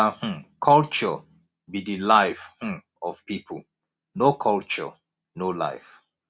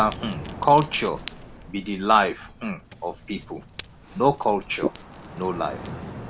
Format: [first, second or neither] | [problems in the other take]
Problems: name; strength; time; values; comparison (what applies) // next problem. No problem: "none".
first | background sound (Ocean); 12 dB below the speech